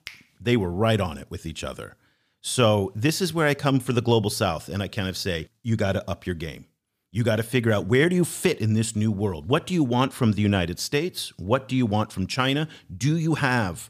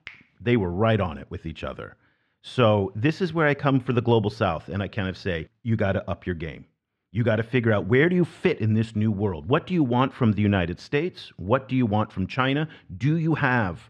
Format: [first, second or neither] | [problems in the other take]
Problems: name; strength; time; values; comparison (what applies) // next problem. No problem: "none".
first | muffled; slightly; fading above 2 kHz